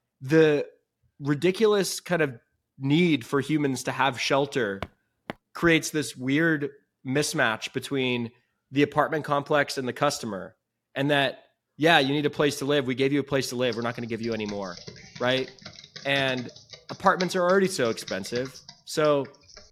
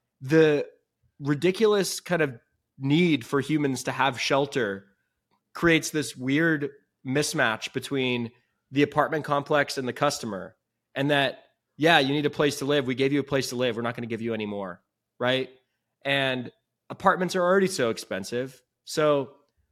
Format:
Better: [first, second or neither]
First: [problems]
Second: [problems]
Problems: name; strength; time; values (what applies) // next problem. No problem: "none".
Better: second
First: footsteps; faint; at 5 s; peak 15 dB below the speech // keyboard typing; faint; from 14 s on; peak 10 dB below the speech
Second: none